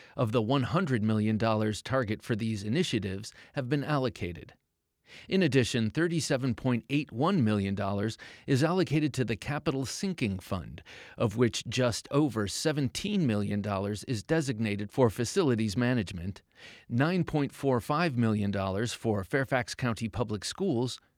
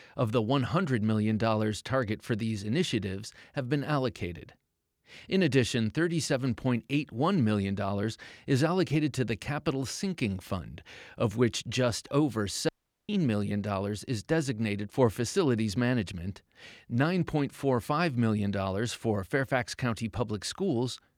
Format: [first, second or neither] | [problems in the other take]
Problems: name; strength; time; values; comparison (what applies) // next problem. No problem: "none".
first | audio cutting out; at 13 s